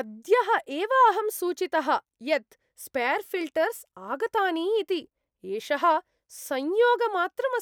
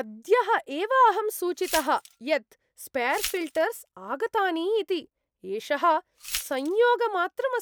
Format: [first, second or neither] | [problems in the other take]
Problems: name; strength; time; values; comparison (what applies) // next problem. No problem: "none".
first | background sound (Glass); 12 dB below the speech